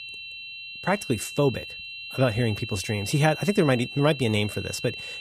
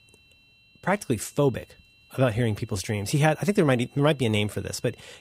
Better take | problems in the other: second | high-pitched whine; loud; throughout; 2.5 kHz, 10 dB below the speech; faint in the second

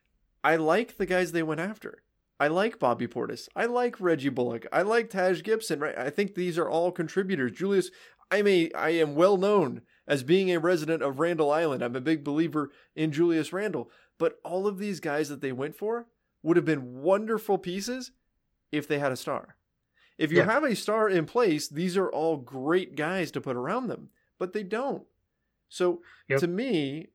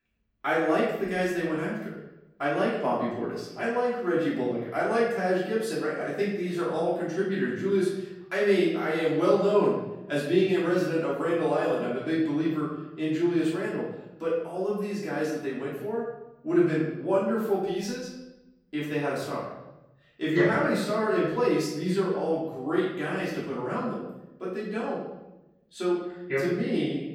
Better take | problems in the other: first | off-mic speech; far // room echo; noticeable; dies away in 0.9 s

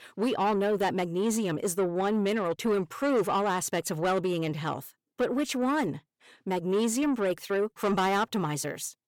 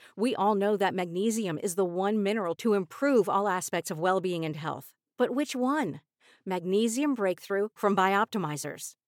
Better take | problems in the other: second | distortion; slight; 10 dB below the speech

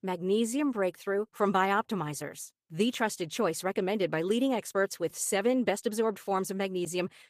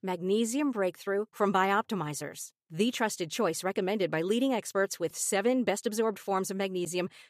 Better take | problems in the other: second | garbled, watery; slightly; nothing above 14.5 kHz

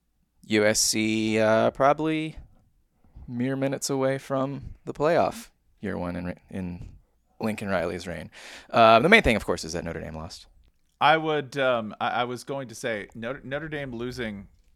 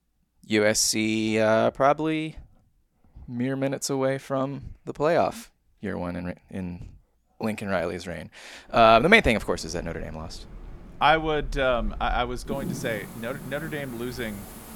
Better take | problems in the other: first | wind in the background; noticeable; from 8.5 s on; 15 dB below the speech

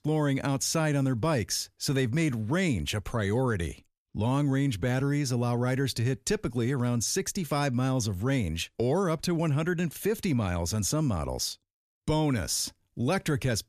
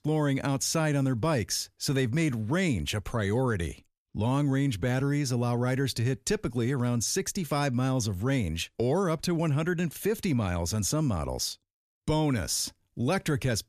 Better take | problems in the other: neither | none

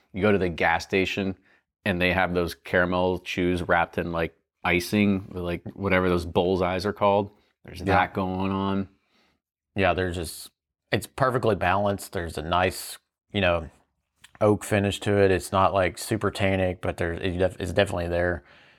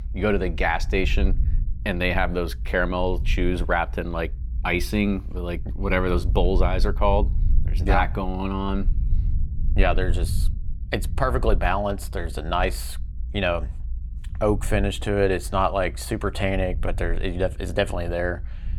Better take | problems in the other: first | low rumble; faint; throughout; 25 dB below the speech

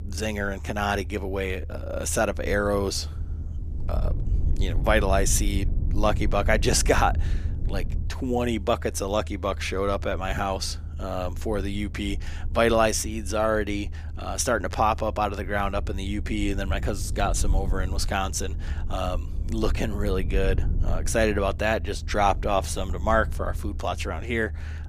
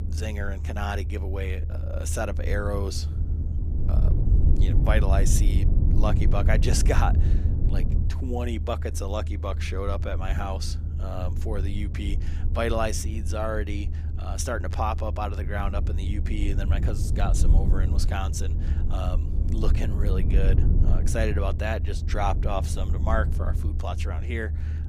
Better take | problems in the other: first | low rumble; loud; throughout; 10 dB below the speech; faint in the first

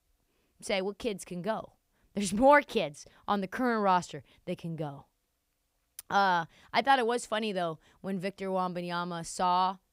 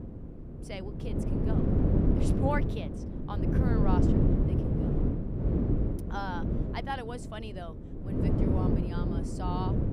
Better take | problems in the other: first | wind noise on the microphone; heavy; 2 dB above the speech

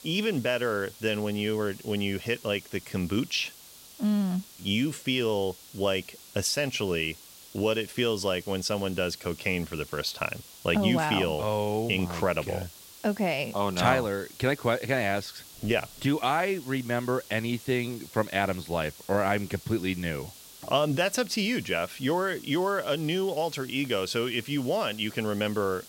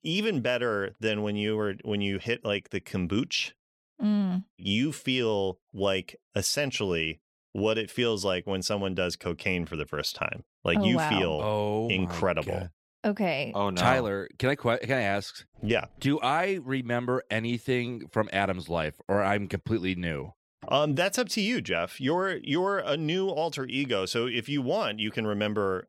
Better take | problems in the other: second | hiss; noticeable; throughout; 20 dB below the speech

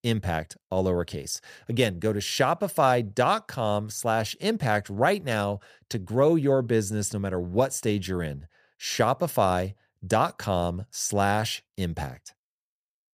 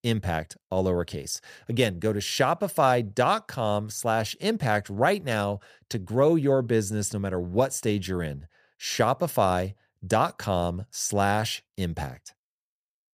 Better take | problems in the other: neither | none

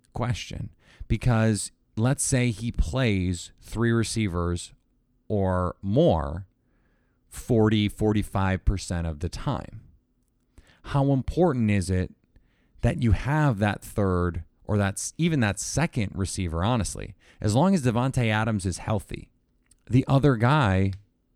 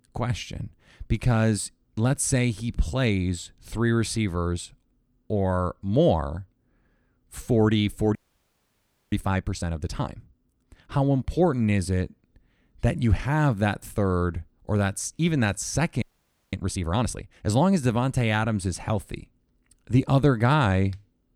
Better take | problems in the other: first | audio freezing; at 8 s for 1 s and at 16 s for 0.5 s

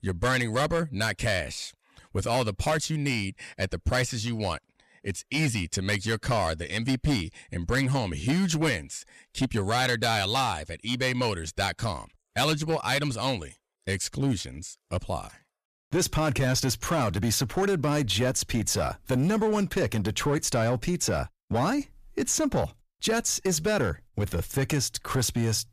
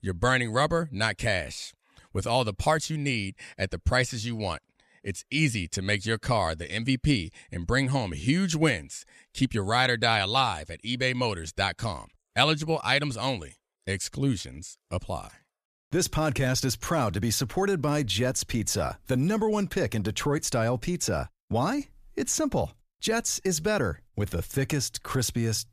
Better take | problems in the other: second | distortion; slight; 7% of the sound clipped

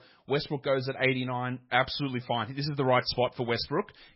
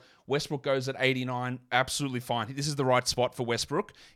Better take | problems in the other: second | garbled, watery; badly; nothing above 5.5 kHz

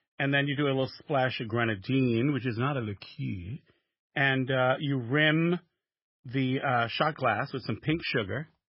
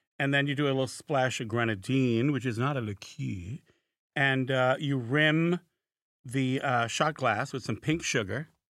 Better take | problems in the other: second | garbled, watery; badly; nothing above 5.5 kHz

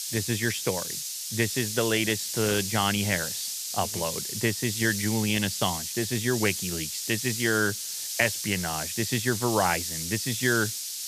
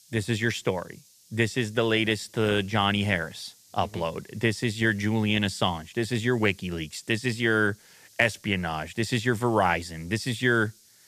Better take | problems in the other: second | hiss; loud; throughout; 3 dB below the speech; faint in the second

